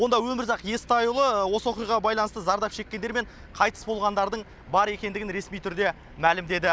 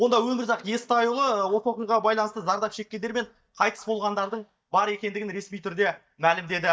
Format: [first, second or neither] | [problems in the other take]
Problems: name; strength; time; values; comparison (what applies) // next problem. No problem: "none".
first | noise reduction (neural mask model DeepFilterNet 3)